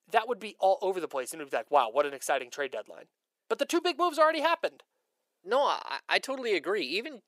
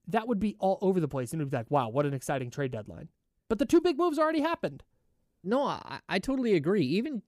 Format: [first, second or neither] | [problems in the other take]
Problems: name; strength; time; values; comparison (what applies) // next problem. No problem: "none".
second | thin; very; fading below 500 Hz